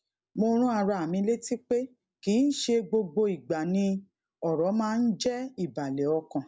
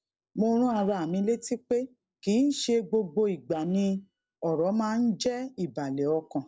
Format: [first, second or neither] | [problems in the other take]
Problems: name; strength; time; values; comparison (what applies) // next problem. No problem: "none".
first | noise reduction (neural separator model SepFormer DNS4)